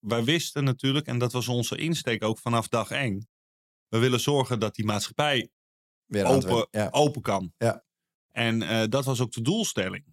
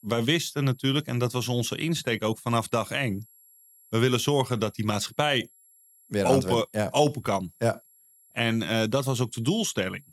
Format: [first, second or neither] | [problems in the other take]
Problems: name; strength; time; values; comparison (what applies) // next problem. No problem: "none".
first | high-pitched whine; faint; throughout; 11.5 kHz, 30 dB below the speech